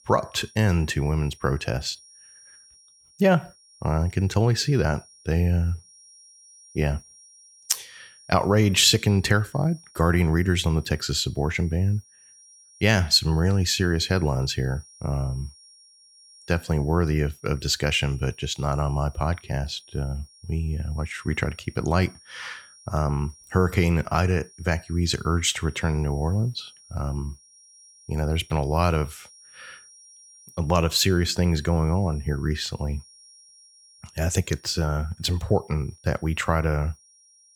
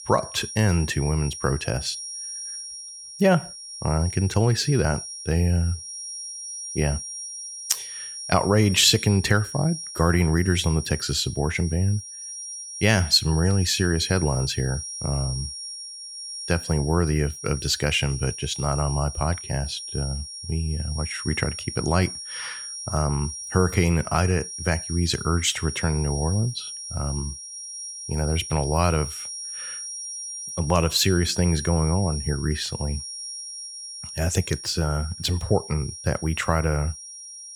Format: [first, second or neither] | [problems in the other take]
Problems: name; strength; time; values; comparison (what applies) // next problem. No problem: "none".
first | high-pitched whine; loud; throughout; 5.5 kHz, 9 dB below the speech; faint in the first